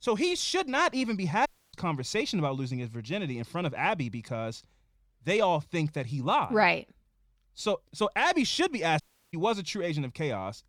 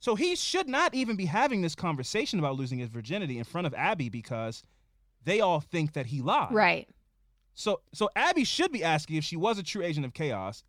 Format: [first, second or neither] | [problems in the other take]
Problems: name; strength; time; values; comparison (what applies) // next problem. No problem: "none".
second | audio cutting out; at 1.5 s and at 9 s